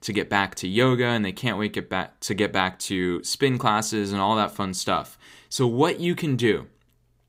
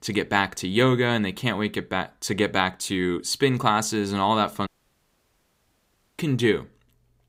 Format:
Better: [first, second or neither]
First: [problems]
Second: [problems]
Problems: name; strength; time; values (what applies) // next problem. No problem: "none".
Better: first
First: none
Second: audio cutting out; at 4.5 s for 1.5 s